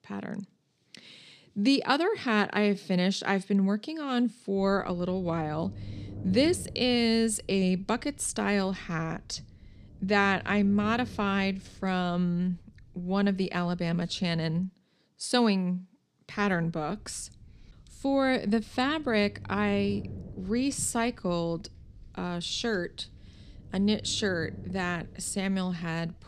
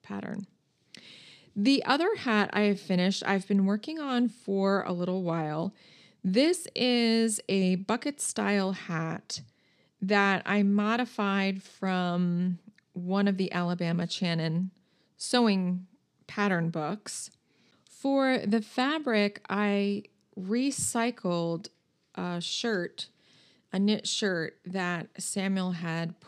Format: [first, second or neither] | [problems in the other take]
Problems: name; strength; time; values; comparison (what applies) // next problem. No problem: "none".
second | low rumble; faint; from 4.5 to 15 s and from 16 s on; 25 dB below the speech